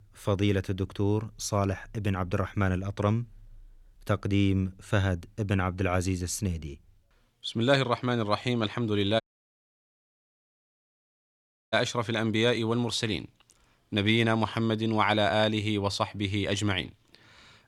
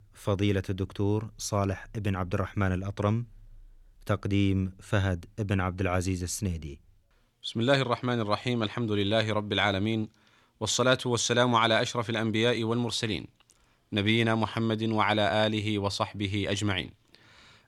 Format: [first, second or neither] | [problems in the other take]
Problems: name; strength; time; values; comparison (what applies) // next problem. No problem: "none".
second | audio cutting out; at 9 s for 2.5 s